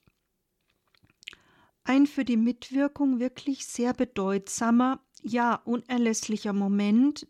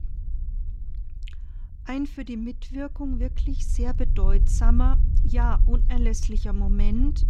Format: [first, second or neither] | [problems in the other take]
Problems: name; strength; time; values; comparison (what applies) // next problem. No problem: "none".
first | low rumble; noticeable; throughout; 10 dB below the speech